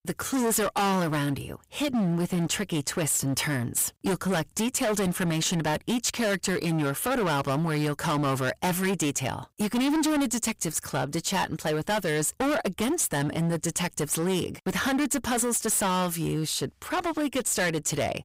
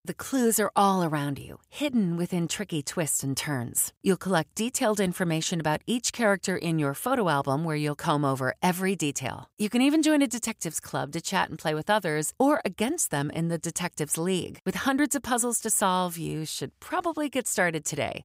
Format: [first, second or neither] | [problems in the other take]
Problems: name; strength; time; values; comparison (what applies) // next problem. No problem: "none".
second | distortion; heavy; 22% of the sound clipped